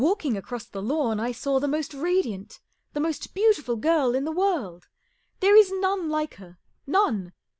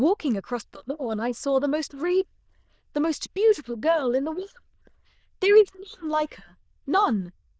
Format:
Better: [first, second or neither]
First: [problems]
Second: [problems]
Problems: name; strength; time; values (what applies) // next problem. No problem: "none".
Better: first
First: none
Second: noise reduction (neural diffusion model UNIVERSE++)